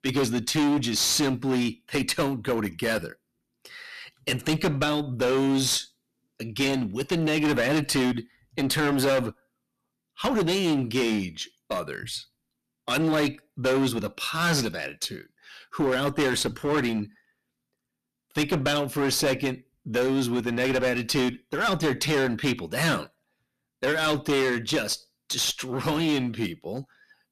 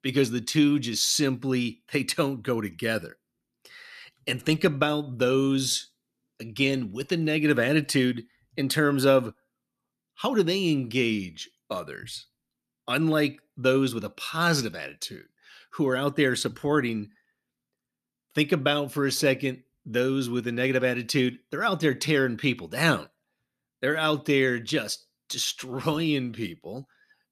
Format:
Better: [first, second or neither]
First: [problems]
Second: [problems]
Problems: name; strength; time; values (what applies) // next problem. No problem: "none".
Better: second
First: distortion; heavy; 13% of the sound clipped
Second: none